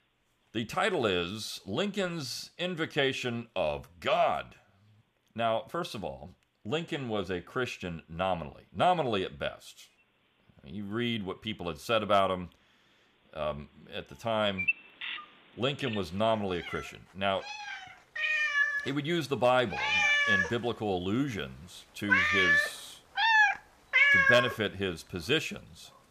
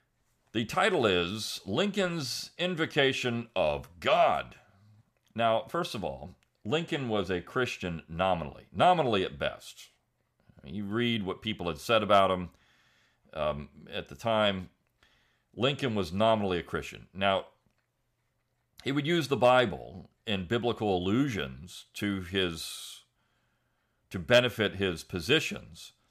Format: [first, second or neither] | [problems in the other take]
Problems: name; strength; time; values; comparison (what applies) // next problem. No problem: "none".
second | animal sounds; very loud; throughout; 5 dB above the speech